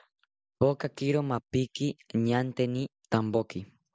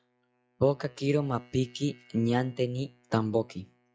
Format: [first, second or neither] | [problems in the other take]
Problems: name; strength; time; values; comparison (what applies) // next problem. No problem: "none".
first | noise reduction (classical method log-MMSE)